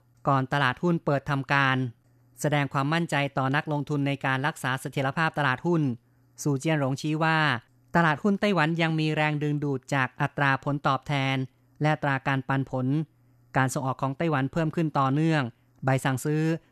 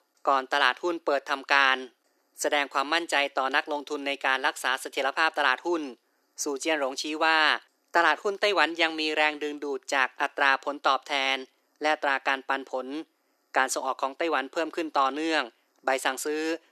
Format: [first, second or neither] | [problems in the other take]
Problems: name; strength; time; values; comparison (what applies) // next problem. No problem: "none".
first | thin; very; fading below 350 Hz